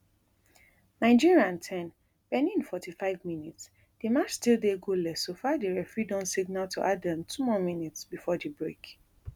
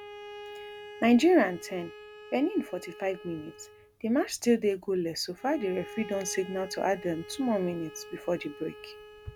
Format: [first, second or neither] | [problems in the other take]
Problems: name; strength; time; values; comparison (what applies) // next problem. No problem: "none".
first | background sound (Bowed string instrument); 16 dB below the speech